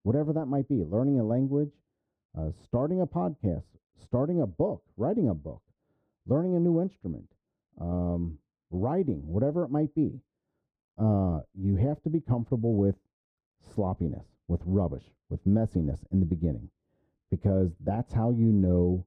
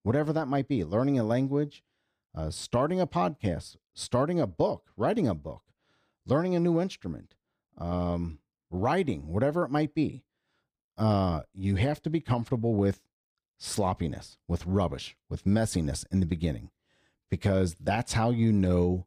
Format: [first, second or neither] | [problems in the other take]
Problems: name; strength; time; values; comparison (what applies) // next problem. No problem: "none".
second | muffled; very; fading above 1.5 kHz